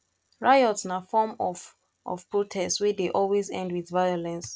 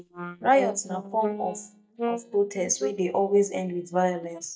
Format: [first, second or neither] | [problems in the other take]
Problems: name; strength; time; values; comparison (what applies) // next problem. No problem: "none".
first | noise reduction (neural mask model DeepFilterNet 3)